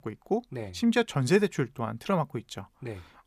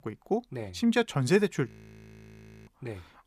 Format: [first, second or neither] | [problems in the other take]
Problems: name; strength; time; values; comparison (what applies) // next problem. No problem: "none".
first | audio freezing; at 1.5 s for 1 s